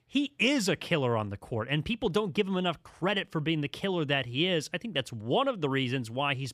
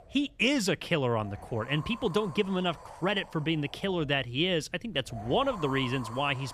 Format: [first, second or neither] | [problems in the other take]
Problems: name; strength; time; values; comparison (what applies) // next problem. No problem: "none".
first | wind noise on the microphone; occasional gusts; 15 dB below the speech